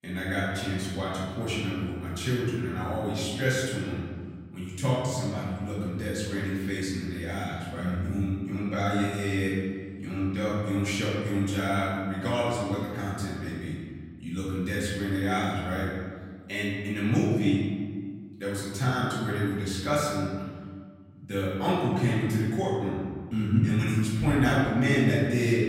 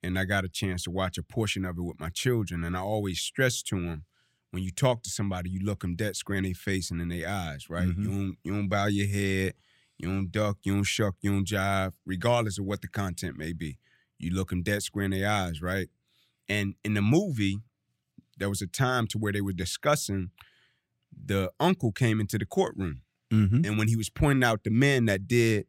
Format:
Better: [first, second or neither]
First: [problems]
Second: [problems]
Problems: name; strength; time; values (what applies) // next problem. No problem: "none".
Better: second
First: room echo; strong; dies away in 1.6 s // off-mic speech; far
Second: none